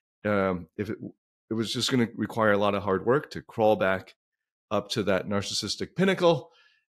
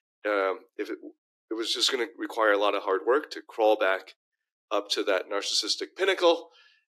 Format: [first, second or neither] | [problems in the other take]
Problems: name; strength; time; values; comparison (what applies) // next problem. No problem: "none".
first | thin; very; fading below 300 Hz